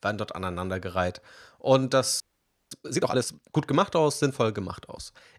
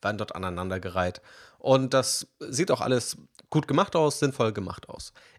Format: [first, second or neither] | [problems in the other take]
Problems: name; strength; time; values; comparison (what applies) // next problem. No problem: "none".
second | audio freezing; at 2 s for 0.5 s